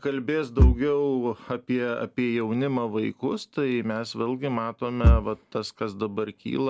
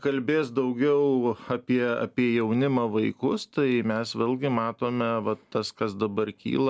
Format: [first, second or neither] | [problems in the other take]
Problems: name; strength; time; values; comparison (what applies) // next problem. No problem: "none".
second | background sound (Bass drum / Thump, thud); 1 dB below the speech